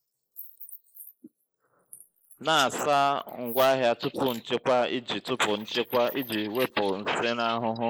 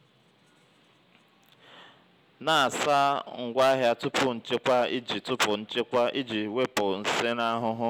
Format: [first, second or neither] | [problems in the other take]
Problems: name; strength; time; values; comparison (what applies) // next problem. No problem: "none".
second | noise reduction (neural mask model Resemble Enhance denoiser)